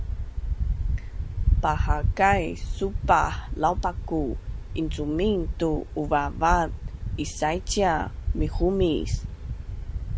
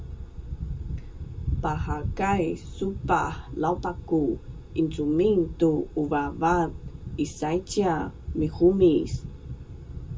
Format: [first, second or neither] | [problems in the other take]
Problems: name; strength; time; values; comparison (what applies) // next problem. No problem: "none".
first | room echo; dies away in 0.2 s